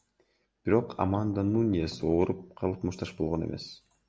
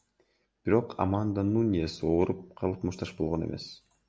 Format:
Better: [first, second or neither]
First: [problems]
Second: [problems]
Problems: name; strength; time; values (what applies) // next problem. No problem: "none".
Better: second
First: background sound (Strum); 17 dB below the speech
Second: none